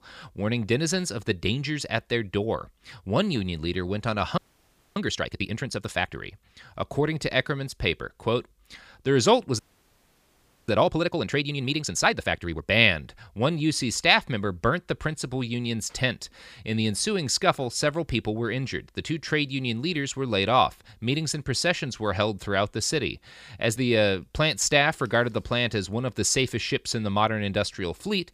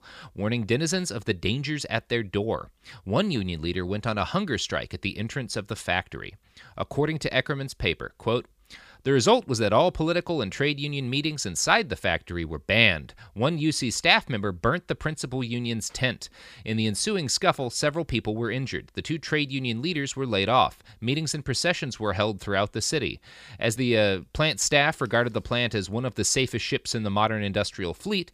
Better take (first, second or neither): second